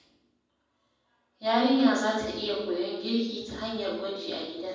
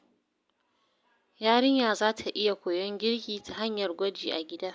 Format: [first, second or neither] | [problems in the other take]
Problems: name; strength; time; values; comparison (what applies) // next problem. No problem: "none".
second | room echo; dies away in 1.1 s